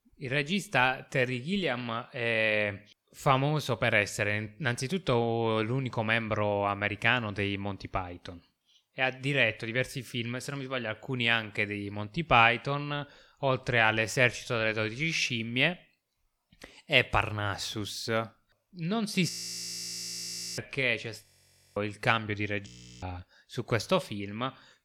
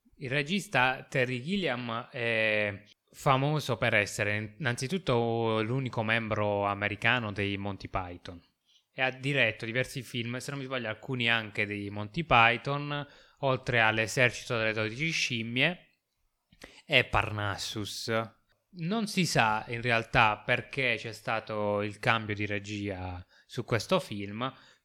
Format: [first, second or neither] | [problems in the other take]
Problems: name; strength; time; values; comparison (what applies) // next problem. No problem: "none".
second | audio freezing; at 19 s for 1.5 s, at 21 s for 0.5 s and at 23 s